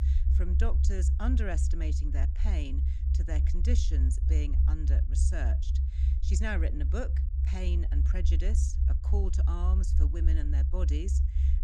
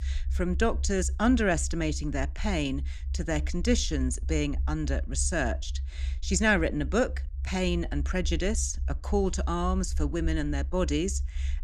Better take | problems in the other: second | low rumble; loud; throughout; 5 dB below the speech; faint in the second

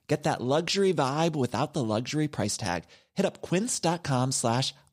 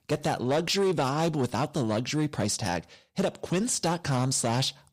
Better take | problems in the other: first | distortion; slight; 10 dB below the speech

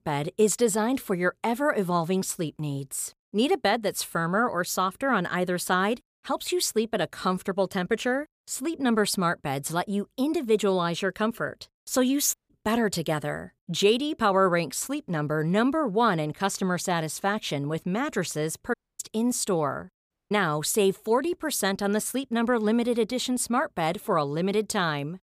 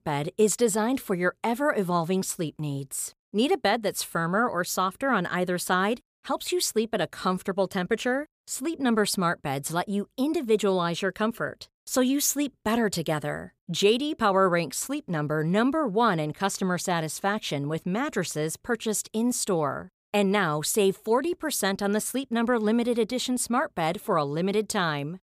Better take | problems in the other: second | audio cutting out; at 12 s, at 19 s and at 20 s

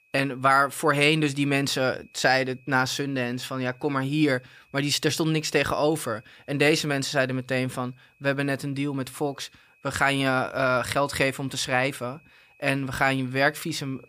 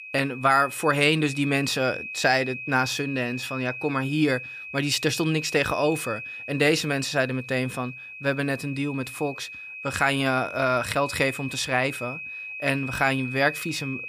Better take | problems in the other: first | high-pitched whine; loud; throughout; 2.5 kHz, 10 dB below the speech; faint in the first

